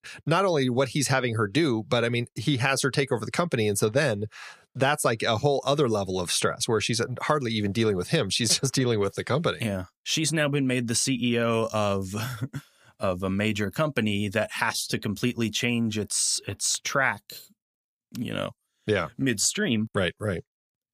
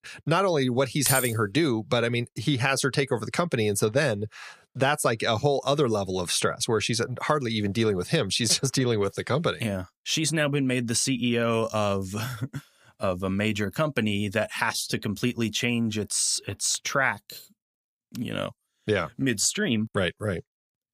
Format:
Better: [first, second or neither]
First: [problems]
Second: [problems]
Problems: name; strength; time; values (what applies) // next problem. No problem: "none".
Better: first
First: none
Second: jangling keys; loud; at 1 s; peak level with the speech